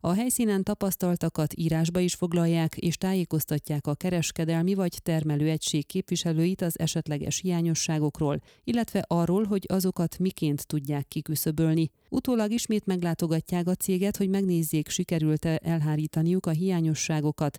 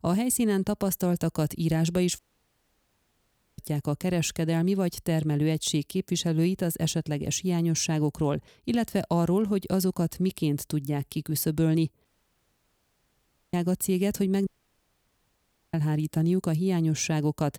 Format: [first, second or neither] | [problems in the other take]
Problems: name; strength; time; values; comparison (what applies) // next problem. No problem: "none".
first | audio cutting out; at 2 s for 1.5 s, at 12 s for 1.5 s and at 14 s for 1.5 s